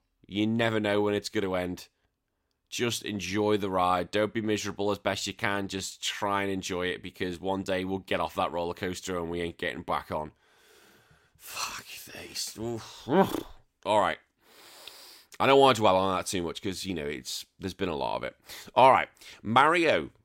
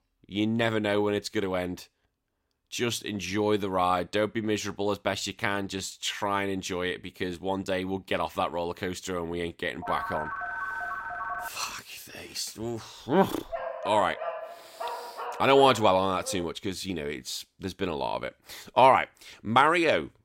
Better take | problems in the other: first | phone ringing; noticeable; from 10 to 11 s; peak 5 dB below the speech // dog barking; noticeable; from 14 to 16 s; peak 7 dB below the speech

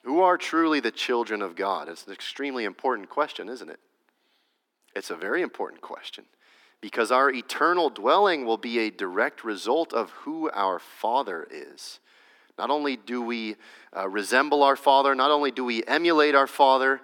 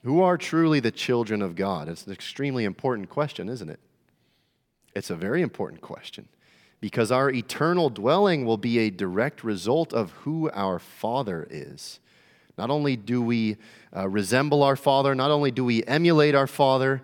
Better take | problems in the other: second | thin; somewhat; fading below 250 Hz

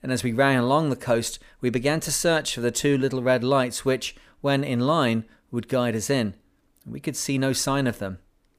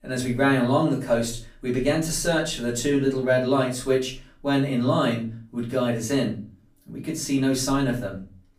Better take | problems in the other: first | off-mic speech; far // room echo; slight; dies away in 0.3 s

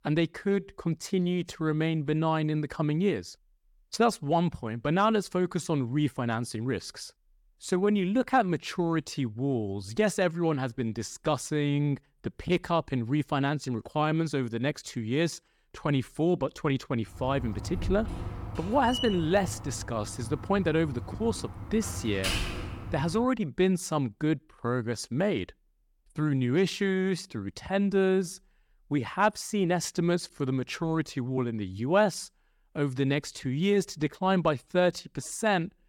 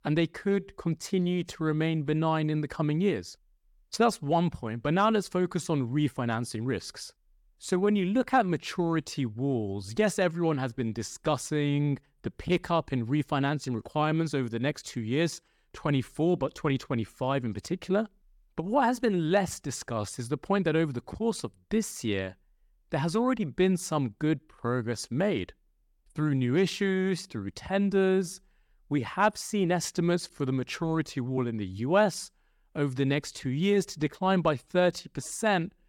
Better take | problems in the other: second | door banging; noticeable; from 17 to 23 s; peak 1 dB below the speech

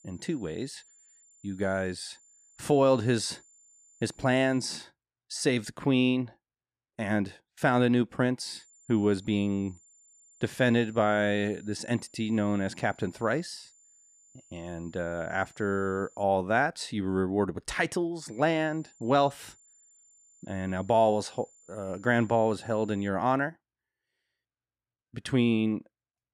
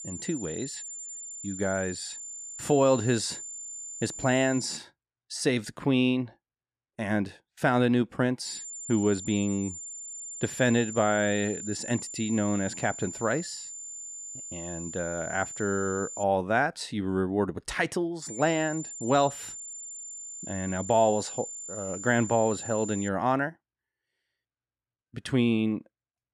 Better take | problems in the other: first | high-pitched whine; loud; until 5 s, from 8.5 to 16 s and from 18 to 23 s; 7 kHz, 9 dB below the speech; faint in the first

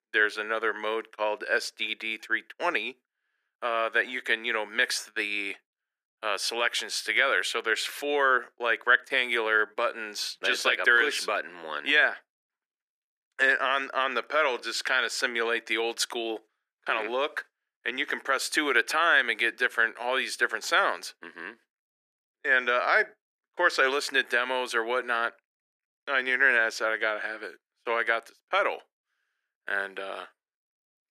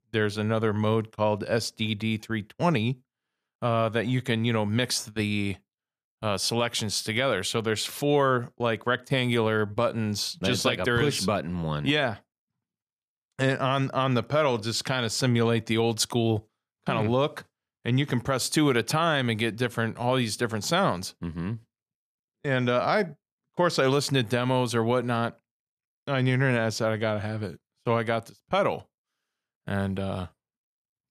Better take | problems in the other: second | thin; very; fading below 350 Hz

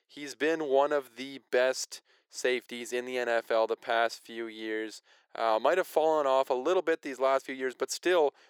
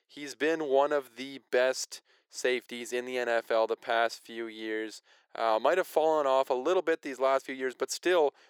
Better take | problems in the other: neither | thin; very; fading below 400 Hz; the same in both

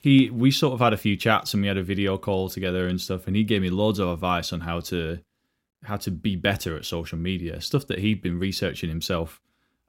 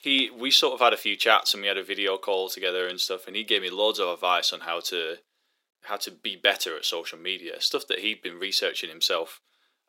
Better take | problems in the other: first | thin; very; fading below 400 Hz

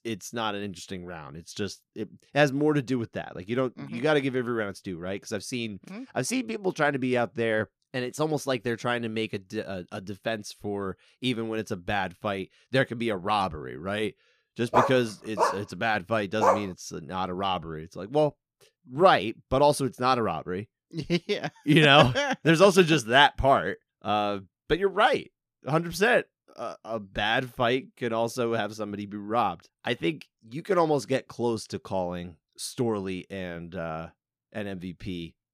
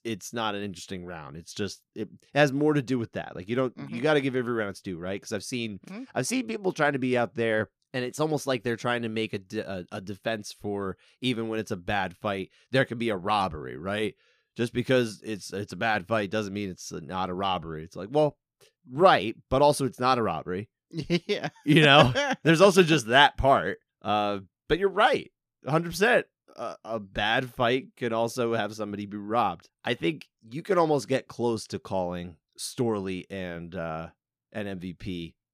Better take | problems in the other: second | dog barking; loud; from 15 to 17 s; peak 2 dB above the speech

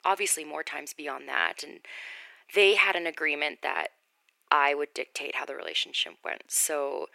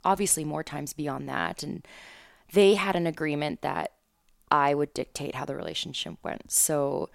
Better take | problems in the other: second | thin; very; fading below 400 Hz

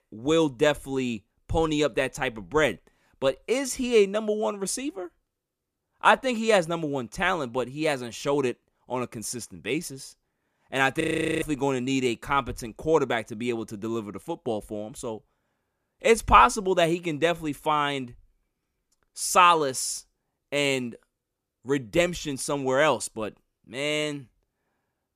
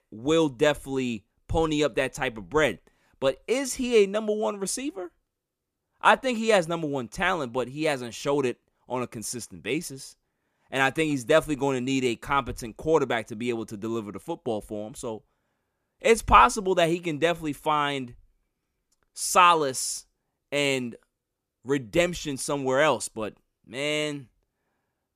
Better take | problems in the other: second | audio freezing; at 11 s

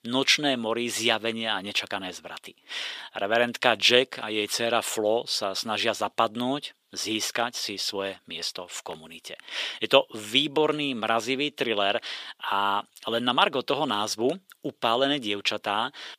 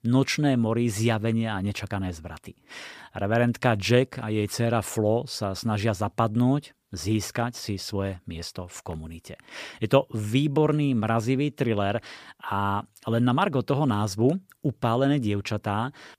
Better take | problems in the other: second | thin; somewhat; fading below 400 Hz

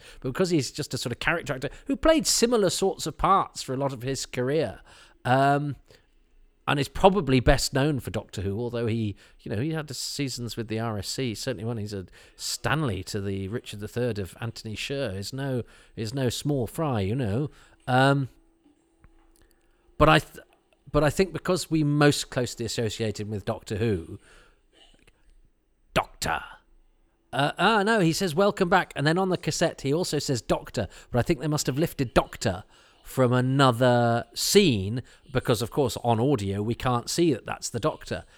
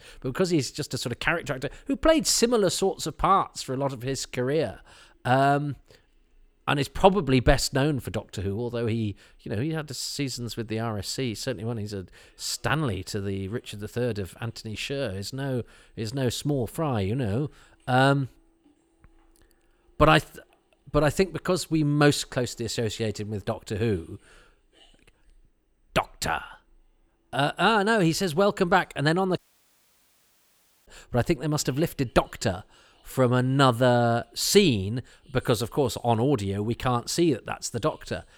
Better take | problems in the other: first | audio cutting out; at 29 s for 1.5 s

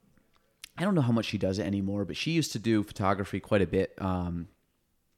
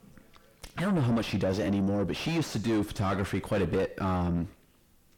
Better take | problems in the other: first | distortion; heavy; 4 dB below the speech

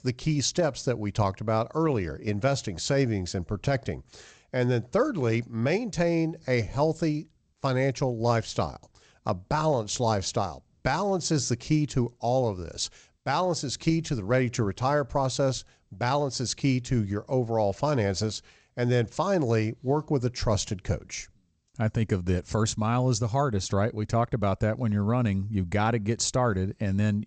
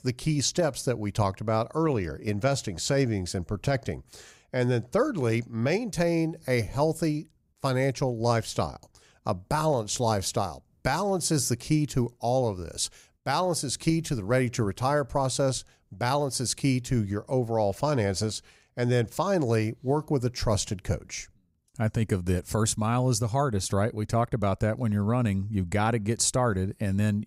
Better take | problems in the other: second | garbled, watery; slightly; nothing above 8 kHz

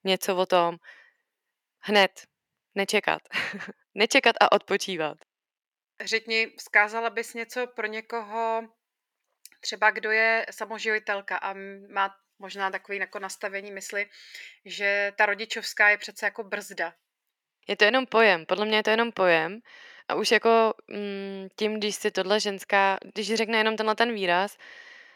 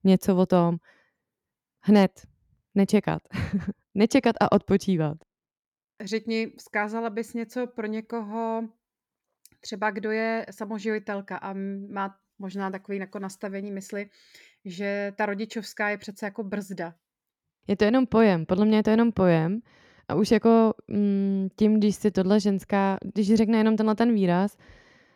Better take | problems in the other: second | thin; very; fading below 550 Hz

